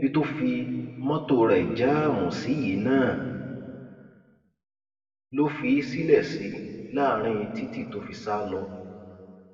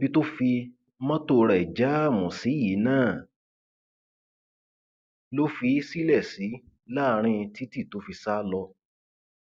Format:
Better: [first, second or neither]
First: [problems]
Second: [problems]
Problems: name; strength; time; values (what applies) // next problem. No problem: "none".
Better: second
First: room echo; dies away in 1.9 s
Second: none